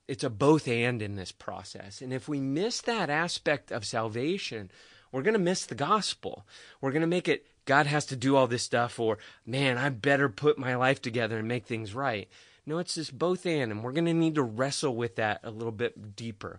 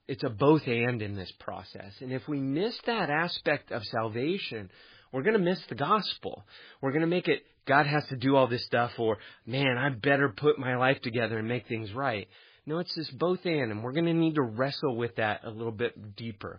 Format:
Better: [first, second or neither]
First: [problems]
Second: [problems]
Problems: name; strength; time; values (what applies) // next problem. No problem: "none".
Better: first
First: garbled, watery; slightly; nothing above 8 kHz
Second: garbled, watery; badly